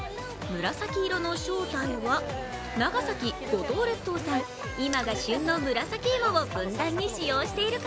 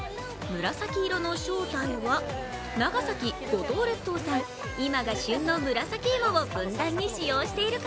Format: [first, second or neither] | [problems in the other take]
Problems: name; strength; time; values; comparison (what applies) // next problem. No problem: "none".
second | background sound (Raindrop / Splash, splatter); 18 dB below the speech